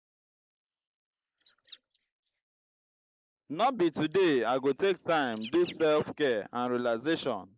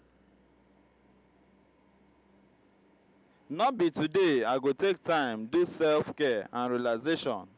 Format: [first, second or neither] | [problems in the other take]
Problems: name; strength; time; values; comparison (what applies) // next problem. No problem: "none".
second | noise reduction (neural mask model Resemble Enhance denoiser)